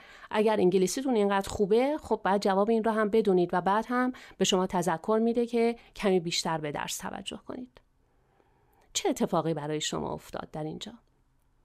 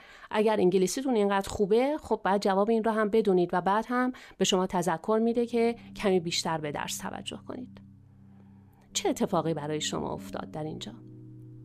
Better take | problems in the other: first | background music; faint; from 5.5 s on; 20 dB below the speech

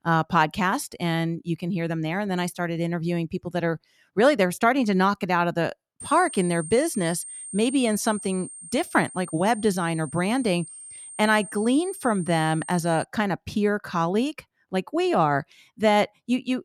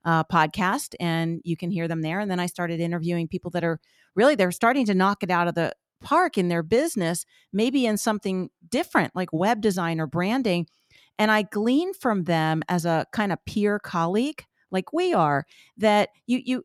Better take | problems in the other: second | high-pitched whine; noticeable; from 6 to 13 s; 8.5 kHz, 15 dB below the speech

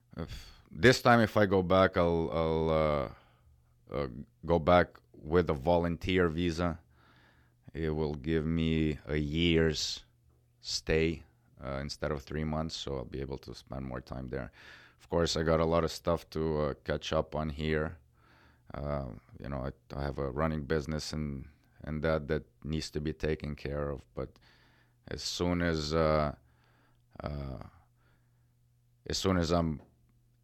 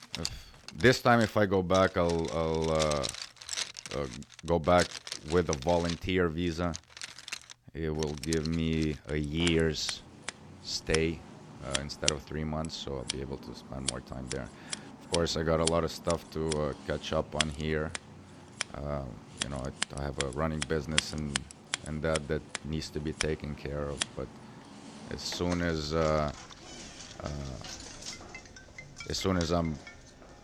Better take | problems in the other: first | household noises; loud; throughout; 7 dB below the speech

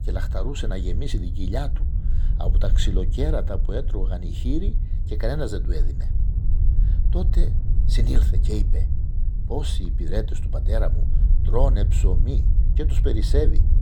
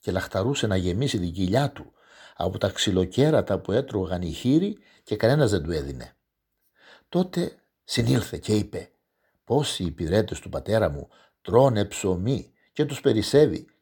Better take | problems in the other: second | low rumble; loud; throughout; 10 dB below the speech

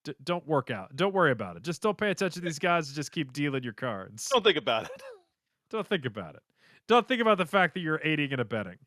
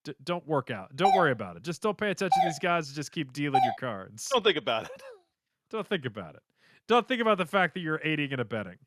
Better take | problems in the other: first | doorbell; loud; from 1 to 4 s; peak 3 dB above the speech

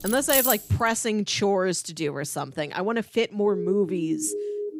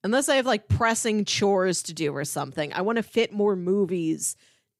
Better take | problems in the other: second | jangling keys; loud; at the start; peak 4 dB above the speech // siren; noticeable; from 3.5 s on; peak 5 dB below the speech

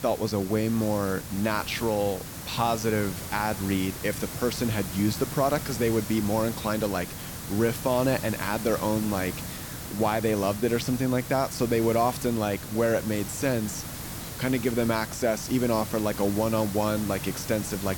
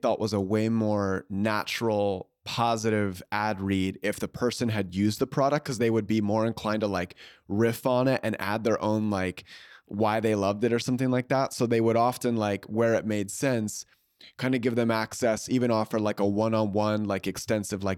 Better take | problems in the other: second | hiss; loud; throughout; 8 dB below the speech

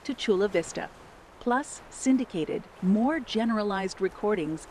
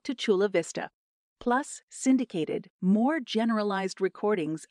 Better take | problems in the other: second | wind noise on the microphone; occasional gusts; 20 dB below the speech

